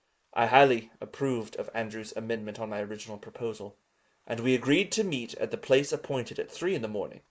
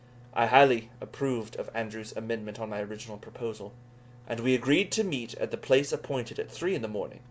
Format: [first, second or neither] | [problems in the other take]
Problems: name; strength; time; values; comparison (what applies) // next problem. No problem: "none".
second | noise reduction (neural mask model Resemble Enhance denoiser)